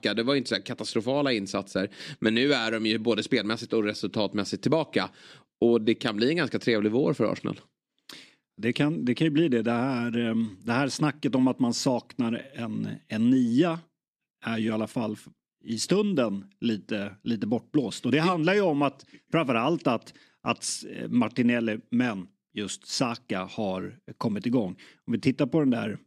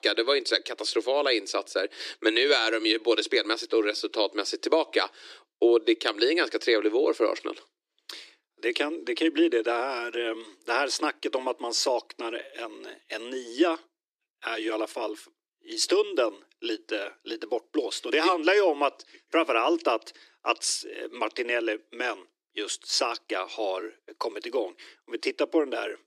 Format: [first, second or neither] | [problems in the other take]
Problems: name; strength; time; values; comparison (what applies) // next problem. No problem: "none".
first | thin; very; fading below 350 Hz